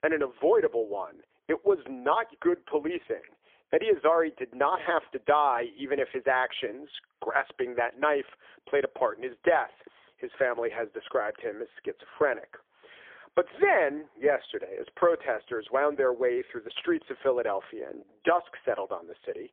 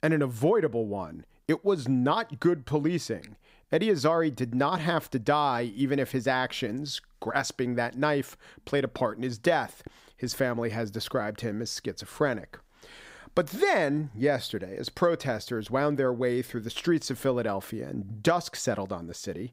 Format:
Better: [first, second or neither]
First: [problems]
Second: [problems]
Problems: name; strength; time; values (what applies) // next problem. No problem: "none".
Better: second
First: phone-call audio; poor line; nothing above 3.5 kHz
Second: none